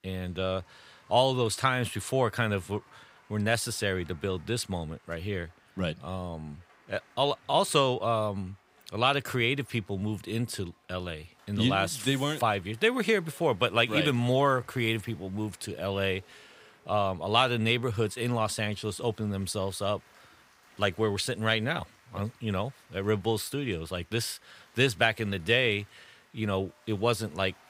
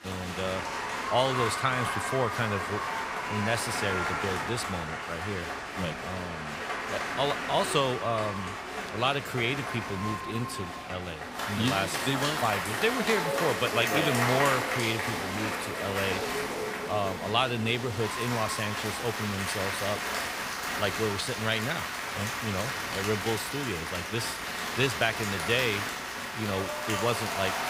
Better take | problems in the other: first | crowd noise; loud; throughout; 1 dB below the speech; faint in the first

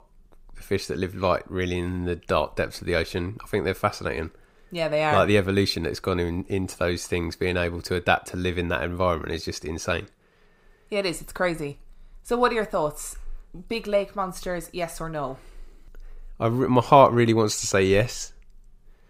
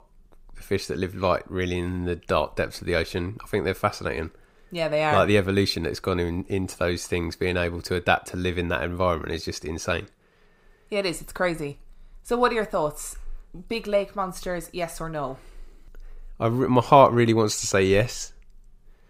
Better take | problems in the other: neither | none

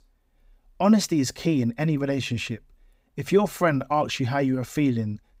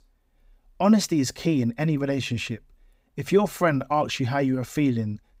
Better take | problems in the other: neither | none

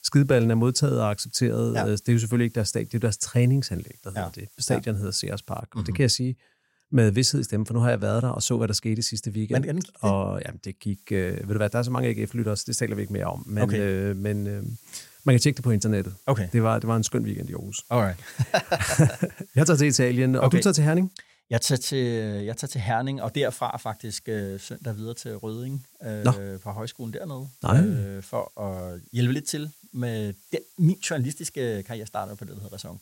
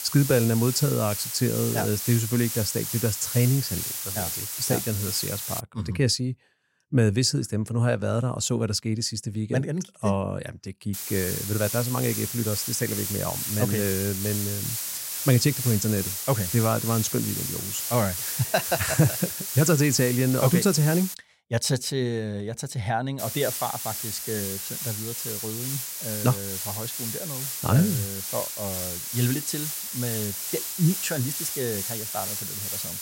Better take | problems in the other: first | hiss; loud; until 5.5 s, from 11 to 21 s and from 23 s on; 3 dB below the speech; faint in the first

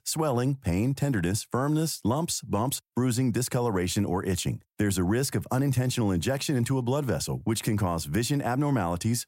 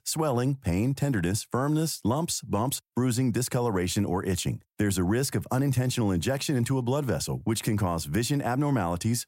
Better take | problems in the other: neither | none

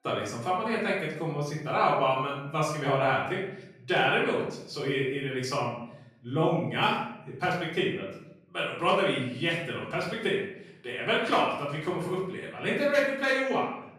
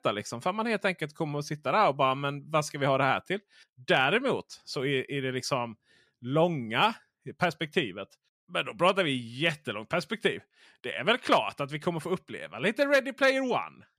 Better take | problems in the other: second | room echo; noticeable; dies away in 0.7 s // off-mic speech; far

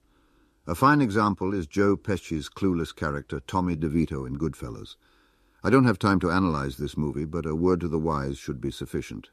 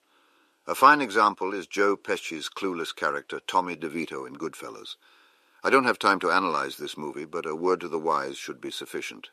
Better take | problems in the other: first | thin; somewhat; fading below 550 Hz

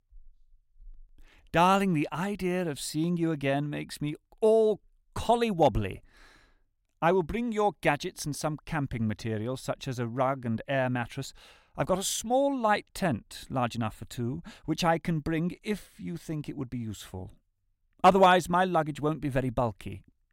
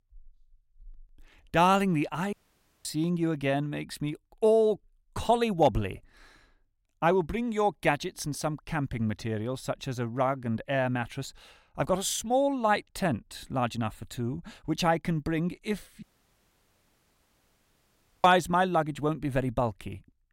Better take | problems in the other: first | audio cutting out; at 2.5 s for 0.5 s and at 16 s for 2 s

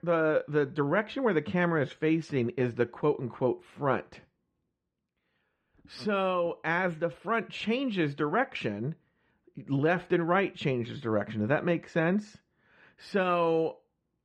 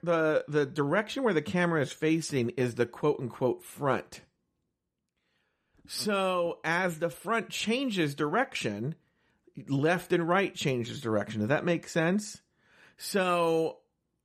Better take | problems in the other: second | muffled; slightly; fading above 3 kHz

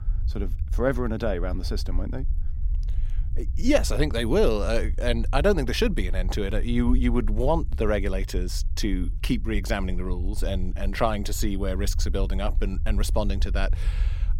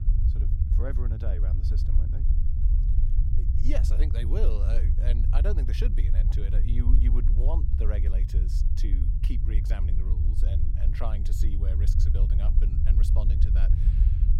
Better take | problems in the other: first | low rumble; loud; throughout; 3 dB below the speech; faint in the first

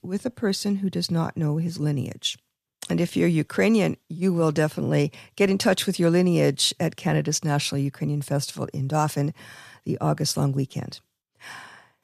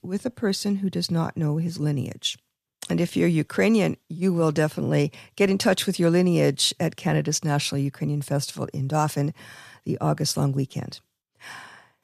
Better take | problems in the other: neither | none

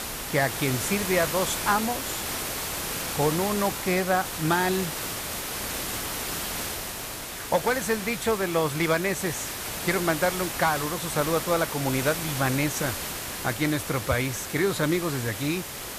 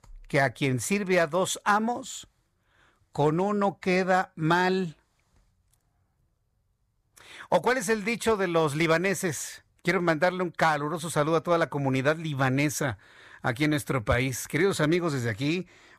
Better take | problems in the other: second | hiss; loud; throughout; 4 dB below the speech

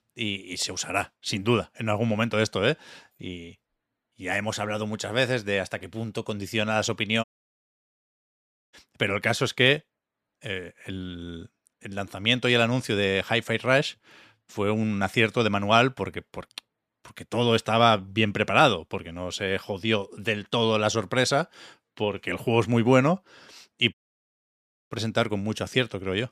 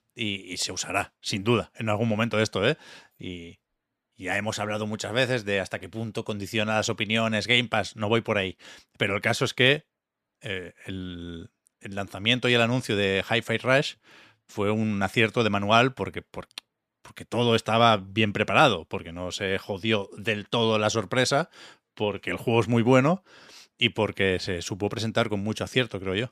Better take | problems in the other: second | audio cutting out; at 7 s for 1.5 s and at 24 s for 1 s

